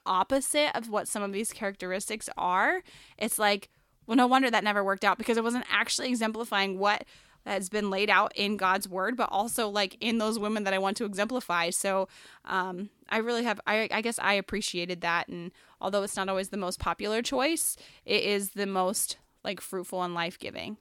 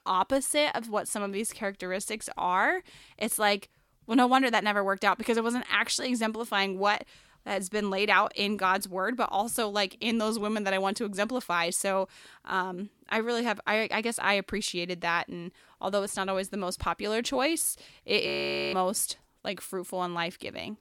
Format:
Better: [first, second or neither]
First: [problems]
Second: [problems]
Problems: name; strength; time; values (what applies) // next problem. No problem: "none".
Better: first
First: none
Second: audio freezing; at 18 s